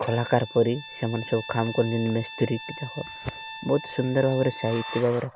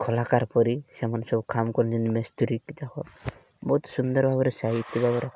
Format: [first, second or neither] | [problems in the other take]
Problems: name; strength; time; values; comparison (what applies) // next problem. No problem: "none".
second | background sound (Bowed string instrument); 14 dB below the speech